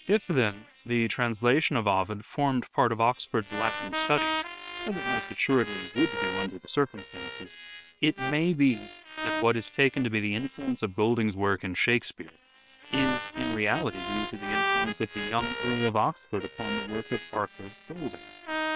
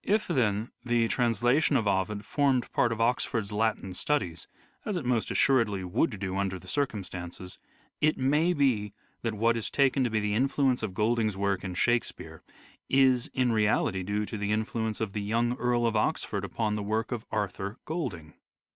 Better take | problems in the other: second | noise reduction (neural separator model SepFormer WHAM!)

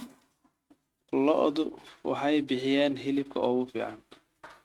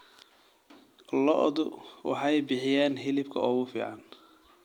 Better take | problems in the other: second | noise reduction (neural mask model RNNoise)

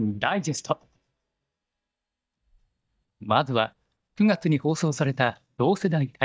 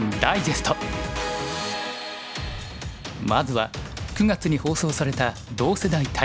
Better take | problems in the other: second | noise reduction (neural mask model DeepFilterNet 3)

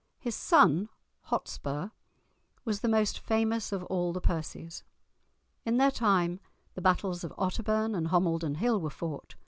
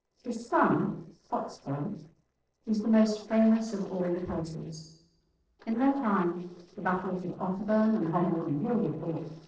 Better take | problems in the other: first | noise reduction (neural separator model SepFormer DNS4)

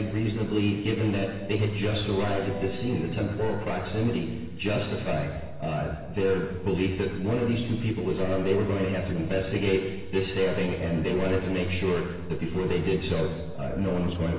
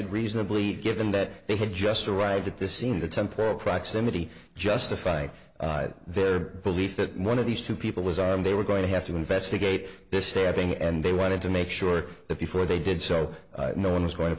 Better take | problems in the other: second | background sound (Bowed string instrument); 17 dB below the speech // room echo; dies away in 1.2 s

